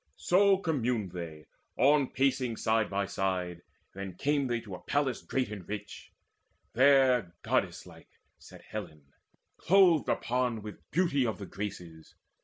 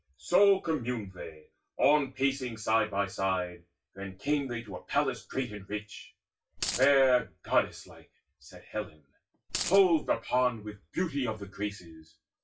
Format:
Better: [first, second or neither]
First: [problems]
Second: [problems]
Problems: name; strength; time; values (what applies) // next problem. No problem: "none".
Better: first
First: none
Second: noise reduction (classical method WPE with log-MMSE)